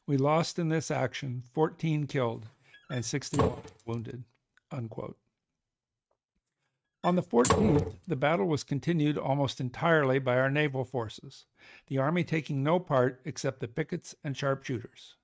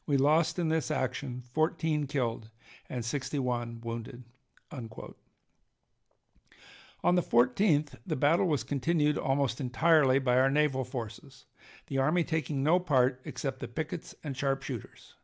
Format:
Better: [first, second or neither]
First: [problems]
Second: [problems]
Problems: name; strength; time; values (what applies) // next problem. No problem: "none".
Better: second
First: noise reduction (neural mask model RNNoise)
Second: none